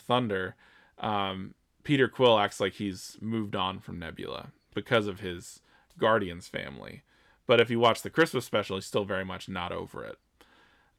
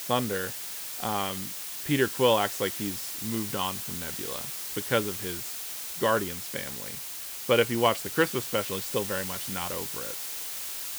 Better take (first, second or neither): first